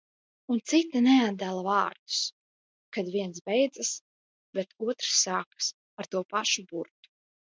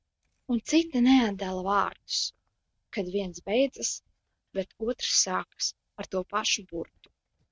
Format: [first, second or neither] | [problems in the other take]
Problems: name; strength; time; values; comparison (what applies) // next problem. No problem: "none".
first | noise reduction (neural mask model RNNoise)